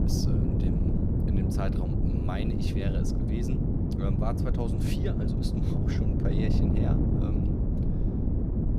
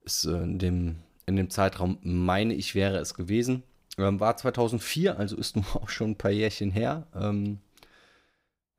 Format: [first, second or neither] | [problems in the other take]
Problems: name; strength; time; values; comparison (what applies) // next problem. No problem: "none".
second | wind noise on the microphone; heavy; 3 dB above the speech